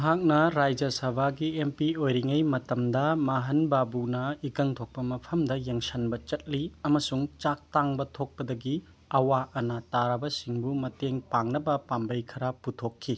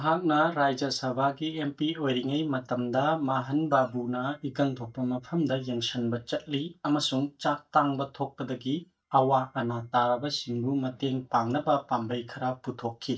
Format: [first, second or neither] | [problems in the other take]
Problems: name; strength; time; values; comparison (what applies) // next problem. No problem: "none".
first | noise reduction (neural mask model DeepFilterNet 3)